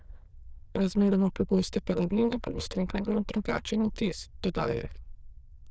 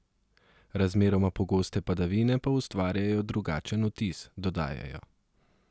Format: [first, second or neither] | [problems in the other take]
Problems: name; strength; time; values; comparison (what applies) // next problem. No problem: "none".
second | noise reduction (neural diffusion model UNIVERSE++)